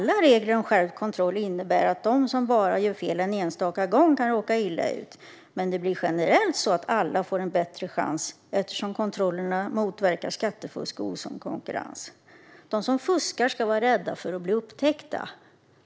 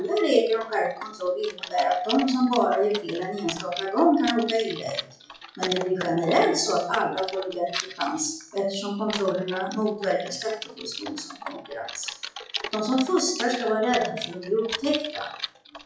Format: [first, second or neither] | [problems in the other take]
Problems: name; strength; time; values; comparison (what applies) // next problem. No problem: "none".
first | noise reduction (classical method WPE with log-MMSE)